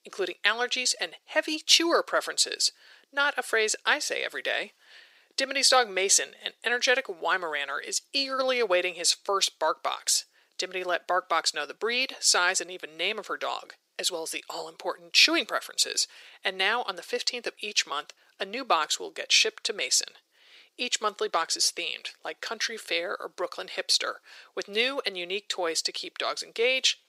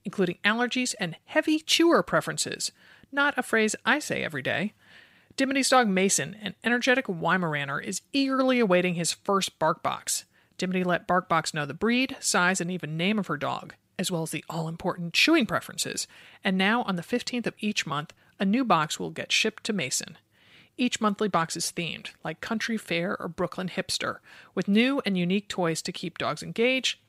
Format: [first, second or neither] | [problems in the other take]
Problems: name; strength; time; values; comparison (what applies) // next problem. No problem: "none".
second | thin; very; fading below 400 Hz